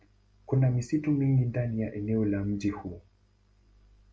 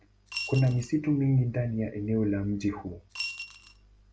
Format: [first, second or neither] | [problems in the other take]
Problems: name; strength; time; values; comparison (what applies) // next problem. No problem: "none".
first | background sound (Coin (dropping) / Glass); 11 dB below the speech